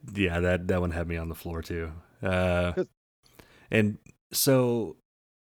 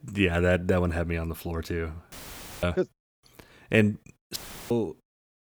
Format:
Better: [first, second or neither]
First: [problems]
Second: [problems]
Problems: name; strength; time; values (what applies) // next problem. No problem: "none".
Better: first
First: none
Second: audio cutting out; filled with static; at 2 s for 0.5 s and at 4.5 s